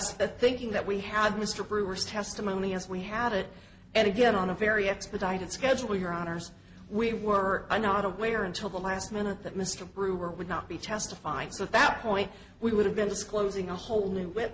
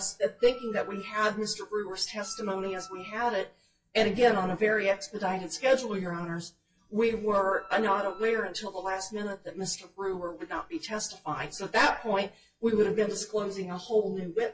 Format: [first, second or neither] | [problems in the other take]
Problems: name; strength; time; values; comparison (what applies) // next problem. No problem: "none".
first | noise reduction (classical method WPE with log-MMSE)